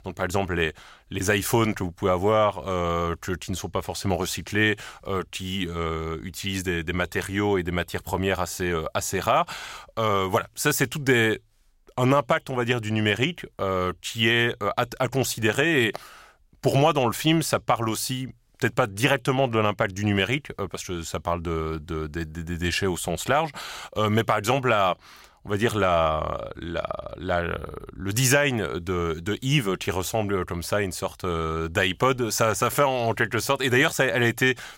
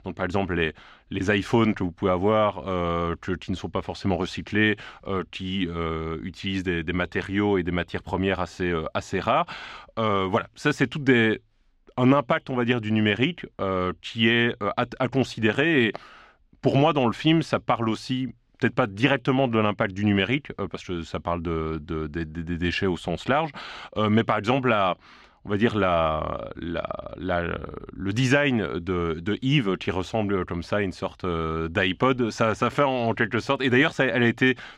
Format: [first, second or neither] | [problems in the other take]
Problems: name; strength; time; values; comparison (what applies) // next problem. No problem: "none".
first | muffled; slightly; fading above 3 kHz